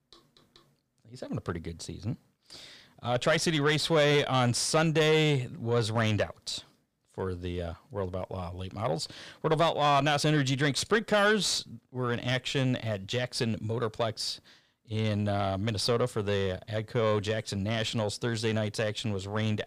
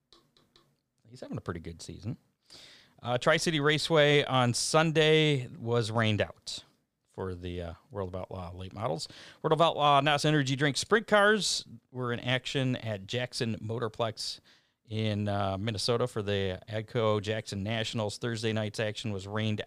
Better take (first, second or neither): second